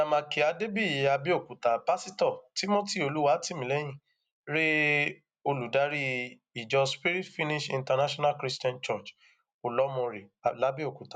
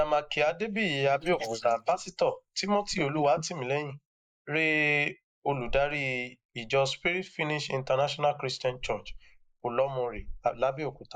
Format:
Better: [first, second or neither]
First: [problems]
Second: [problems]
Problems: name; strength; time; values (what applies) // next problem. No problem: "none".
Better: first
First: none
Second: noise reduction (neural mask model Resemble Enhance denoiser)